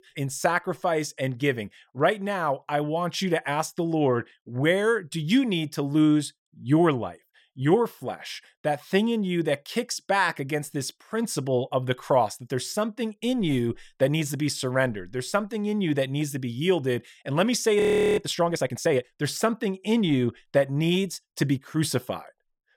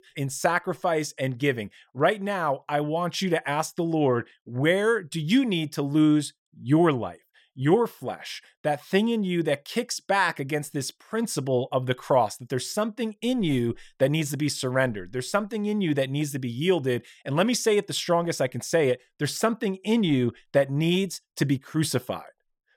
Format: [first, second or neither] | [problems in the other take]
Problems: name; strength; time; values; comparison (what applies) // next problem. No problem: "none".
second | audio freezing; at 18 s